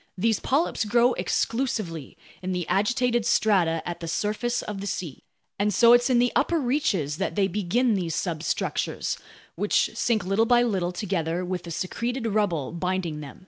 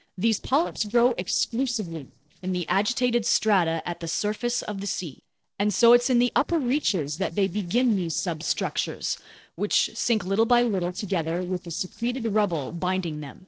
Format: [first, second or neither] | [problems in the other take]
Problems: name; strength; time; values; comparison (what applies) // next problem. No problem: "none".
first | noise reduction (neural separator model SepFormer DNS4)